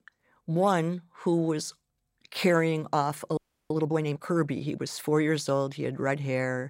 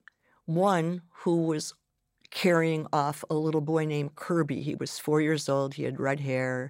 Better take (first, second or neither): second